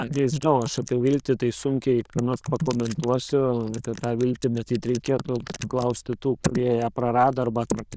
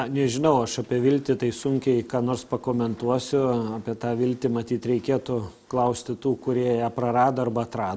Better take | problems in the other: second | noise reduction (neural diffusion model UNIVERSE++)

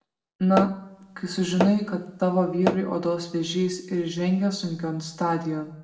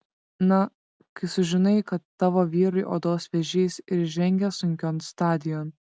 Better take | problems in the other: second | background sound (Tap / Hammer); 7 dB below the speech // room echo; dies away in 0.7 s

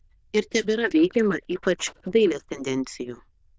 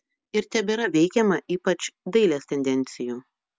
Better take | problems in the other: second | noise reduction (neural diffusion model UNIVERSE++)

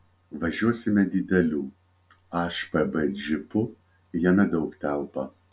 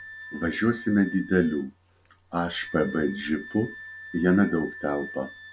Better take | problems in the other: first | background sound (Wind instrument, woodwind instrument); 15 dB below the speech

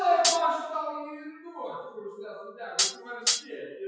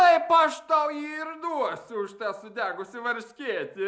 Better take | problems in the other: second | noise reduction (classical method WPE with log-MMSE)

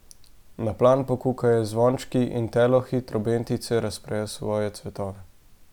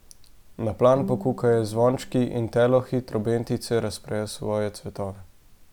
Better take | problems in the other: first | background sound (Bowed string instrument); 14 dB below the speech

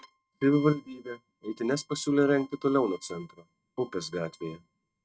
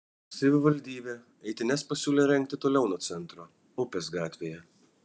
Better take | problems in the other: second | noise reduction (neural mask model RNNoise)

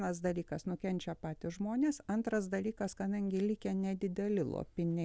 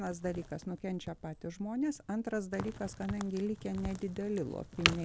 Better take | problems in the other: first | background sound (Crack); 5 dB below the speech

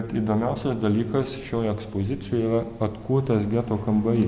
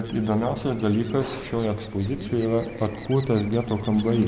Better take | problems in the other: first | background sound (Bird); 18 dB below the speech

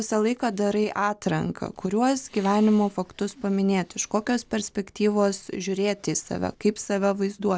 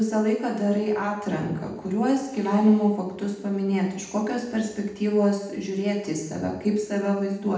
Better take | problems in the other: first | room echo; dies away in 0.8 s

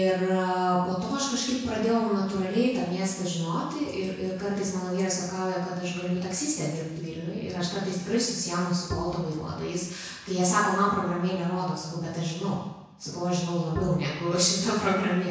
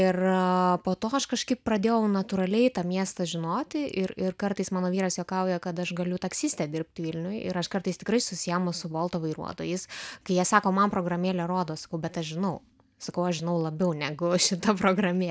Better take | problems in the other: second | background sound (Bowed string instrument); 11 dB below the speech // room echo; dies away in 1 s

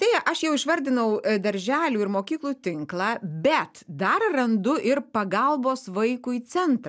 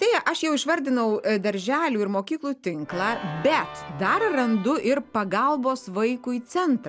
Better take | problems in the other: first | background sound (Organ); 18 dB below the speech

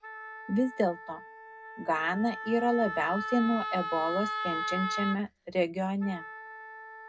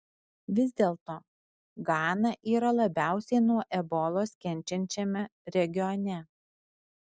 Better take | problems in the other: second | background sound (Wind instrument, woodwind instrument); 6 dB below the speech // room echo; dies away in 0.2 s

